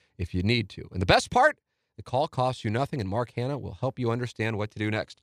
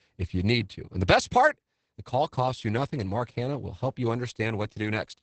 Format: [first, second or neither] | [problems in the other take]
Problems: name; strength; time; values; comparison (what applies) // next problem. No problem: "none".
first | garbled, watery; badly; nothing above 8 kHz